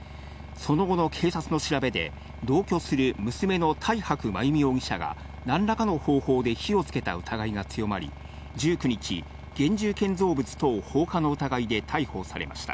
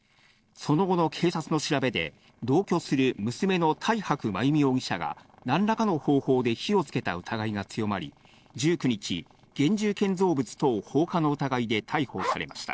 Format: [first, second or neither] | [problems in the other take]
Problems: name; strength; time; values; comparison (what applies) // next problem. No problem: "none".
first | noise reduction (neural separator model SepFormer DNS4)